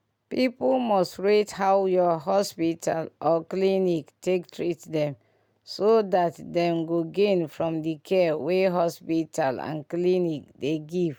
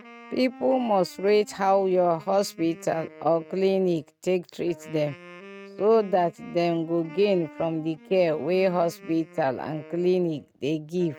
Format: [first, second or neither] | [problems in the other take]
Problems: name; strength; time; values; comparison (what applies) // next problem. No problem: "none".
first | noise reduction (neural mask model RNNoise)